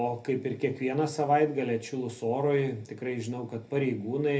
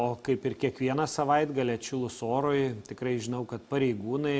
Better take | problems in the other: second | room echo; dies away in 0.3 s

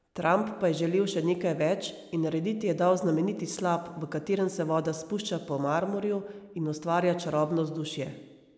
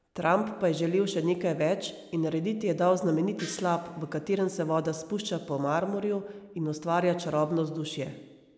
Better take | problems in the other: first | background sound (Gong); 18 dB below the speech

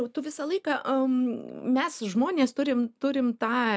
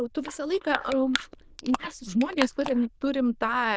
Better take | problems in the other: first | noise reduction (neural diffusion model UNIVERSE++)

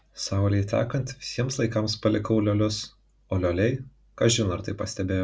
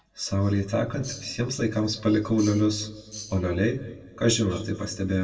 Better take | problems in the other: first | background sound (Tambourine); 15 dB below the speech // room echo; dies away in 1.7 s

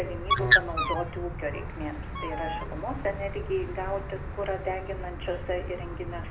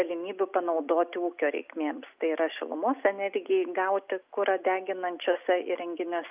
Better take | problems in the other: second | background sound (Bird); 3 dB above the speech // room echo; dies away in 0.4 s

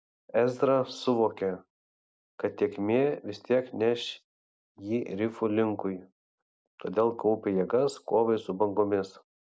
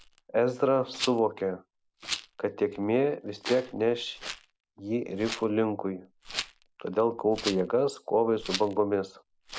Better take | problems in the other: first | background sound (Rattle); 13 dB below the speech

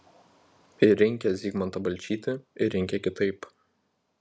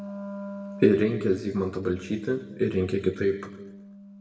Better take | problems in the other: first | background sound (Wind instrument, woodwind instrument); 14 dB below the speech // room echo; dies away in 1.1 s

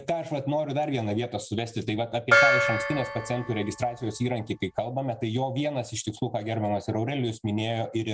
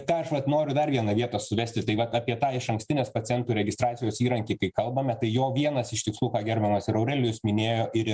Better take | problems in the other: second | background sound (Gong); 1 dB above the speech

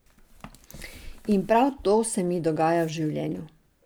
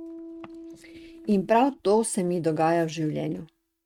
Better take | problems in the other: first | noise reduction (neural mask model RNNoise)

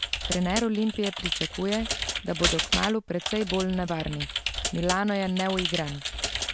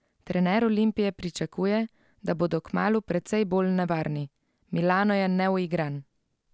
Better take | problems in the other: second | background sound (Computer keyboard); 3 dB below the speech

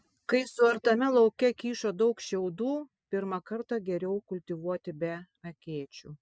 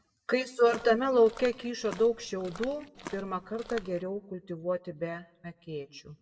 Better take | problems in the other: first | background sound (Walk, footsteps); 16 dB below the speech // room echo; dies away in 0.5 s

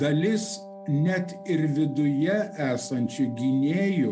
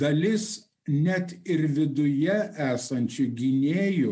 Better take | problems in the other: second | background sound (Wind instrument, woodwind instrument); 17 dB below the speech

